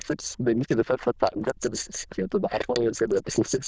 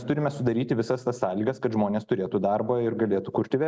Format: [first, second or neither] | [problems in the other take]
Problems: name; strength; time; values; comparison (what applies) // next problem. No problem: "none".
second | noise reduction (neural diffusion model UNIVERSE++)